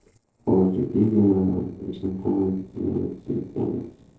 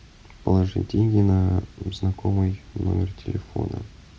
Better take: second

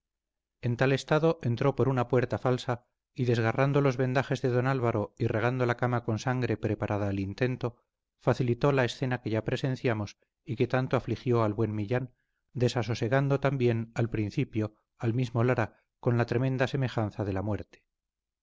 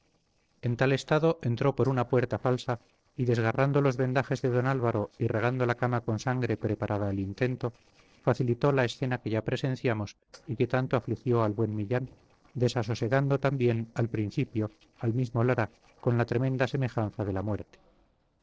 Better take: first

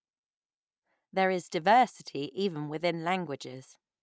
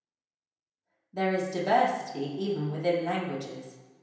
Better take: first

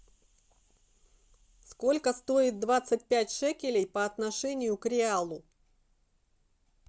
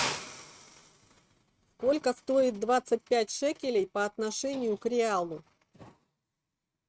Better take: first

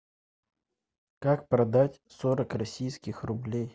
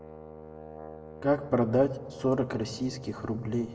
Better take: first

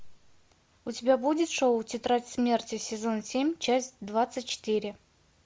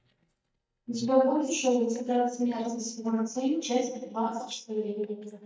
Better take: first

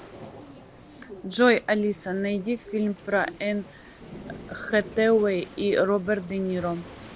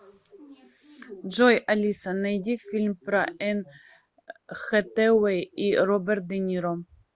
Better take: second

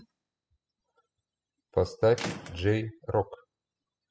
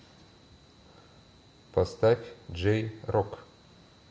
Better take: second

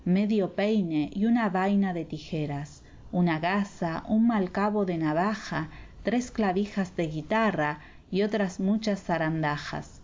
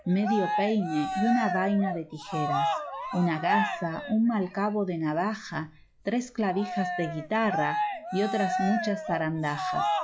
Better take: first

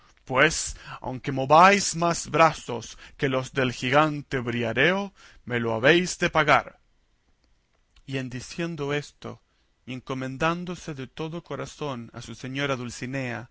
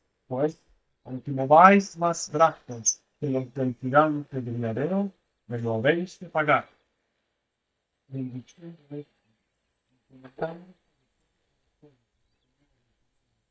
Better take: first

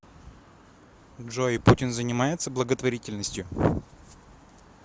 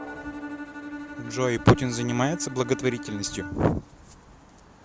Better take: first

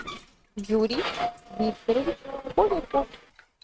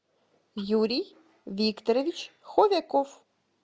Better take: second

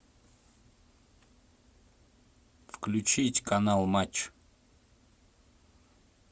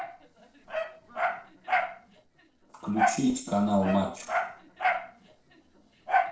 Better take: first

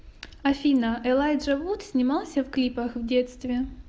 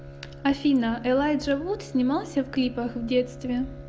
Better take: first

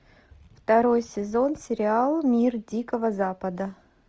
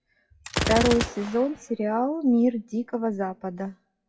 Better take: first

